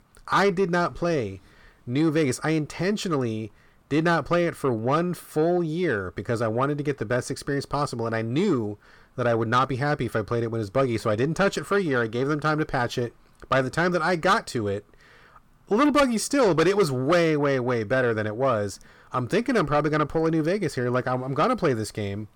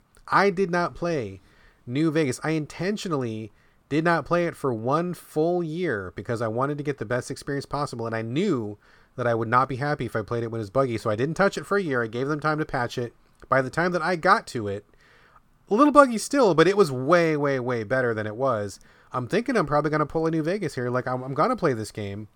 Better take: second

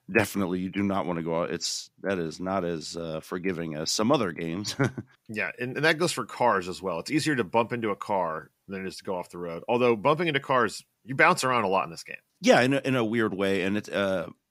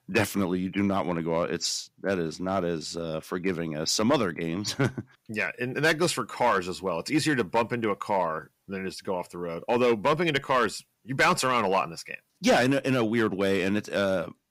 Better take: first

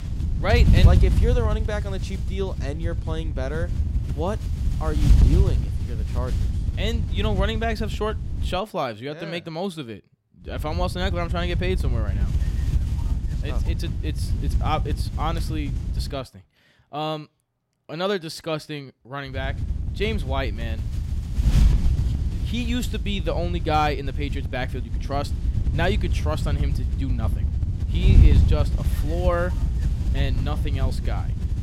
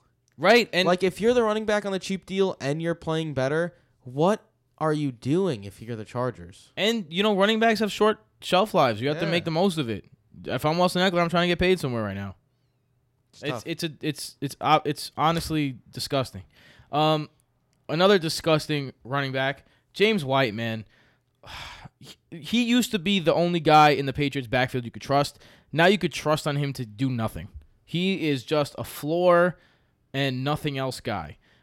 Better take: second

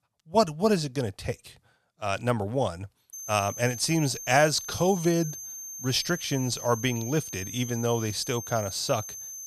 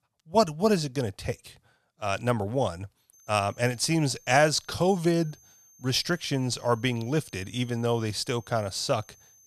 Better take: second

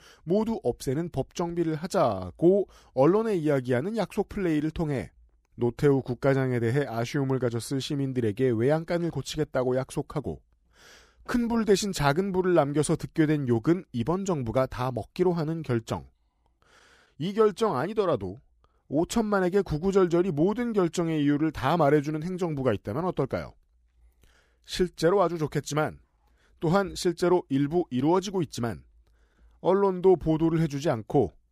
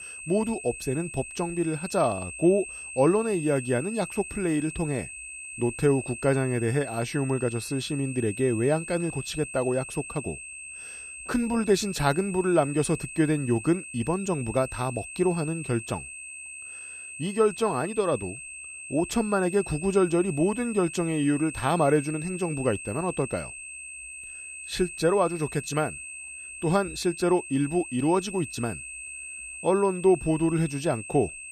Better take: first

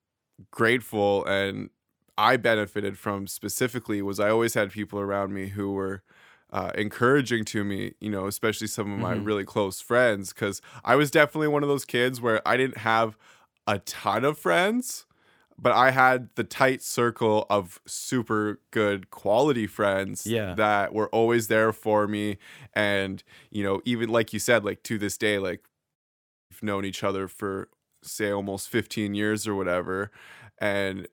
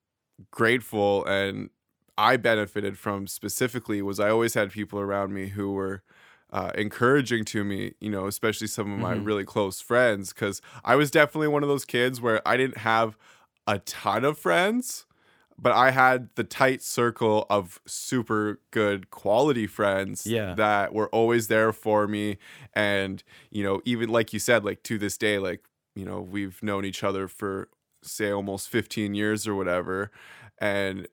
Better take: second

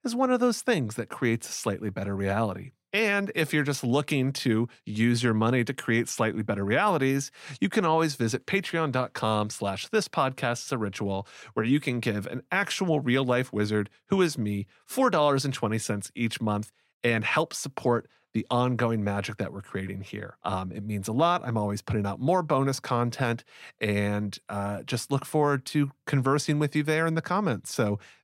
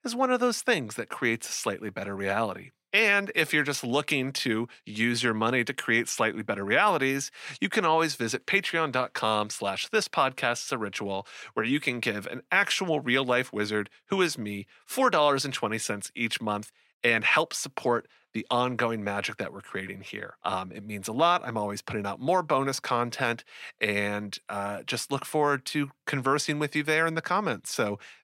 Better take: first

